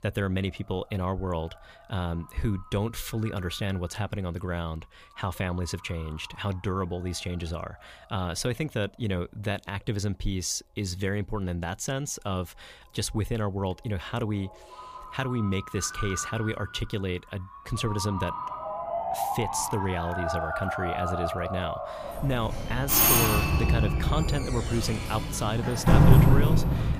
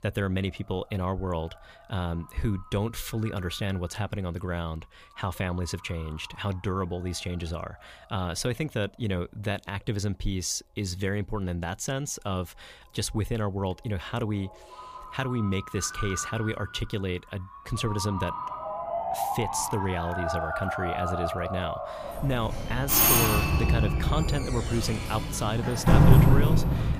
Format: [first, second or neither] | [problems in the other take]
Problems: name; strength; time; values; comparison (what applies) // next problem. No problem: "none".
neither | alarms or sirens; very loud; throughout; 5 dB above the speech; the same in both